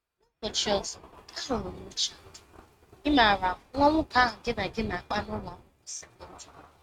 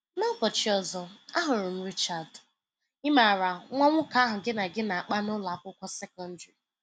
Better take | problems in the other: second | noise reduction (neural mask model RNNoise)

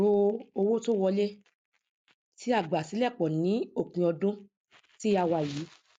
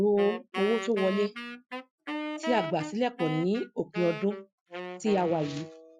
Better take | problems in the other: first | noise reduction (classical method Wiener filter)

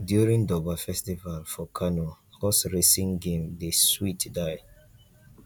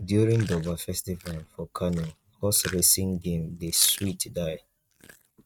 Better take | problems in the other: first | noise reduction (neural mask model RNNoise)

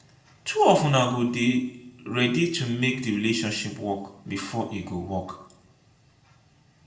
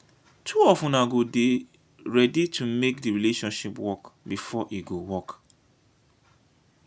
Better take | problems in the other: second | room echo; dies away in 0.5 s

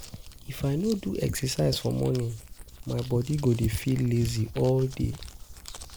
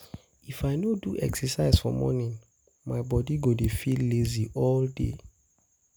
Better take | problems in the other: second | noise reduction (neural mask model Resemble Enhance denoiser)

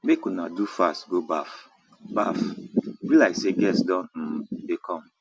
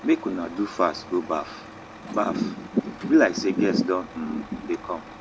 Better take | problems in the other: first | background sound (Truck); 17 dB below the speech

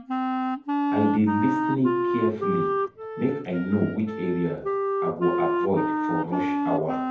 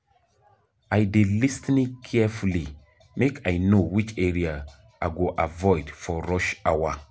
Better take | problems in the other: second | background sound (Wind instrument, woodwind instrument); 1 dB above the speech // room echo; dies away in 0.5 s

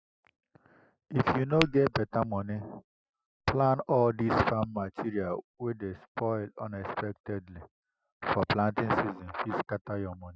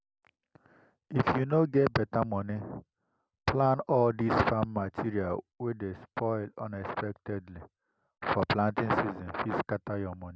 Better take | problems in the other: second | noise reduction (classical method Wiener filter)

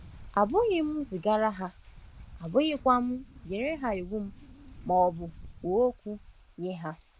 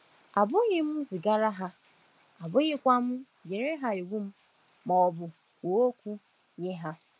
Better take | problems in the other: second | background sound (Wind); 19 dB below the speech

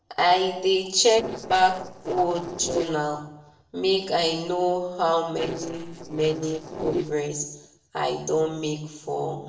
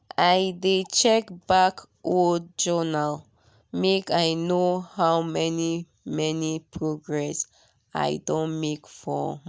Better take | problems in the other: second | noise reduction (neural separator model SepFormer DNS4)

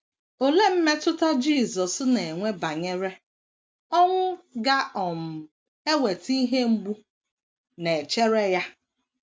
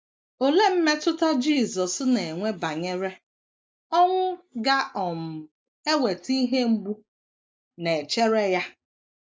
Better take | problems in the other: first | noise reduction (neural mask model Resemble Enhance denoiser)

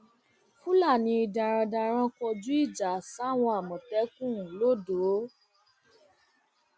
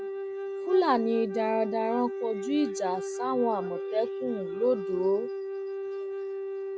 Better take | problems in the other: first | background sound (Wind instrument, woodwind instrument); 4 dB below the speech

